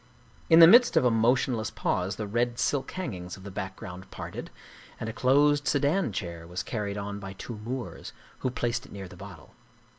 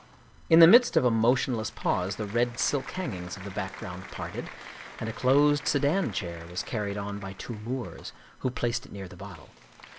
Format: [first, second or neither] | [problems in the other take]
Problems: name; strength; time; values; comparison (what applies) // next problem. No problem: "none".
first | background sound (Applause); 19 dB below the speech